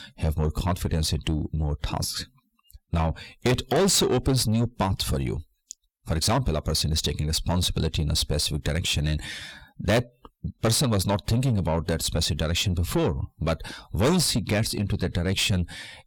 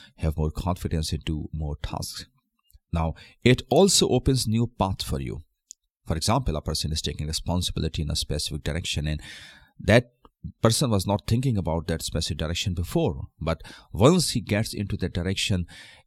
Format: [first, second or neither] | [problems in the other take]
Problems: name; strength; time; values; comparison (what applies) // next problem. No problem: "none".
second | distortion; heavy; 6 dB below the speech